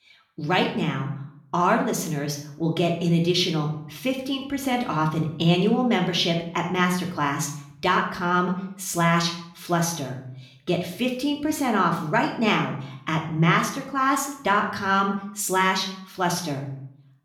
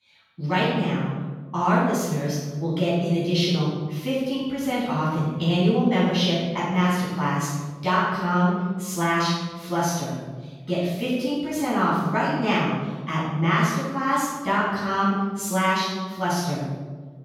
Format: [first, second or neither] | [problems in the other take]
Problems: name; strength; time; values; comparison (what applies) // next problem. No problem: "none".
first | room echo; strong; dies away in 1.3 s; slight in the first // off-mic speech; far; somewhat distant in the first